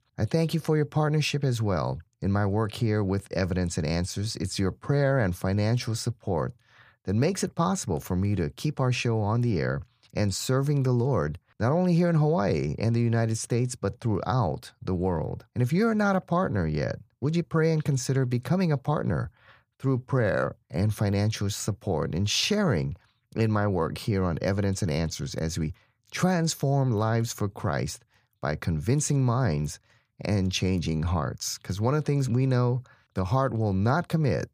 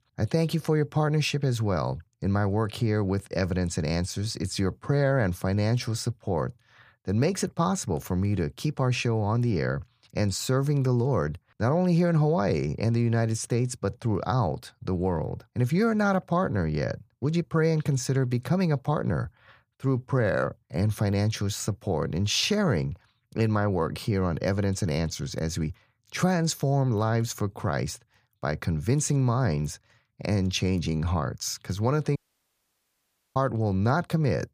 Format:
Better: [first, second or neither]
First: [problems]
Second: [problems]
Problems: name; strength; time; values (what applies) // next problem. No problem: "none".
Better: first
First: none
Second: audio cutting out; at 32 s for 1 s